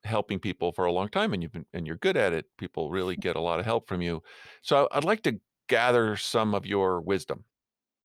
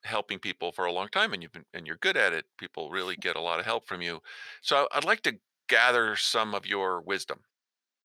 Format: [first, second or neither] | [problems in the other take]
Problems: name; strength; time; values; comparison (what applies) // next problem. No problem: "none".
first | thin; somewhat; fading below 700 Hz